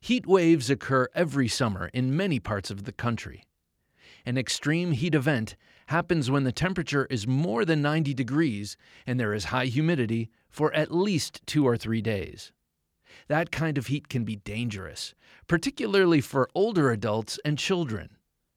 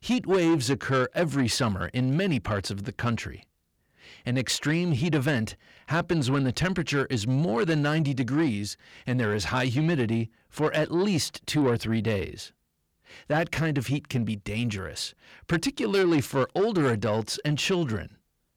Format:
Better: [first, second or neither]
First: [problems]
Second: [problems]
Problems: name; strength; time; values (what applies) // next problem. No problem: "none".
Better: first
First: none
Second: distortion; slight; 10 dB below the speech